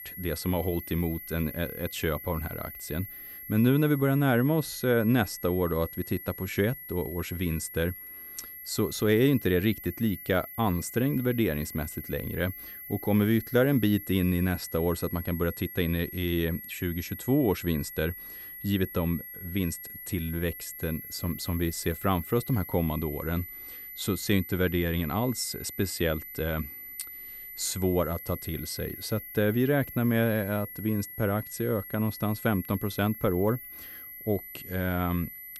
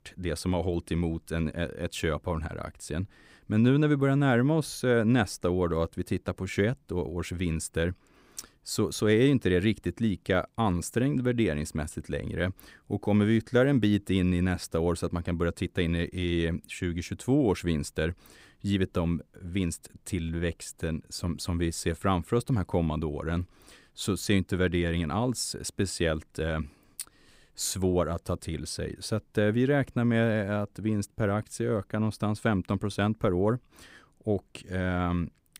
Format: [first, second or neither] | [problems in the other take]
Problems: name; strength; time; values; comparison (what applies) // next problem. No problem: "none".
second | high-pitched whine; noticeable; throughout; 12 kHz, 10 dB below the speech